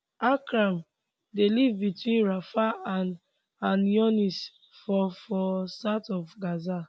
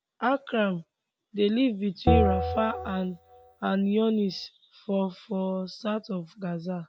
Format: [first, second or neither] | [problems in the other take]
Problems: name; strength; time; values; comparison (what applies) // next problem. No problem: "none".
first | background sound (Bell); as loud as the speech